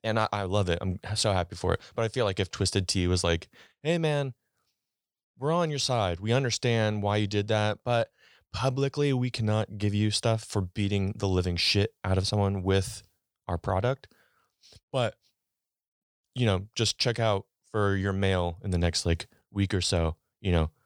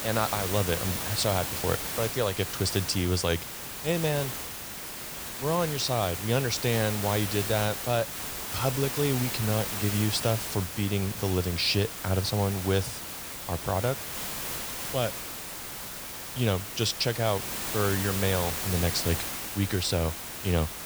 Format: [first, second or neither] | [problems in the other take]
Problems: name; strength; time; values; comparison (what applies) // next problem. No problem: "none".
first | hiss; loud; throughout; 4 dB below the speech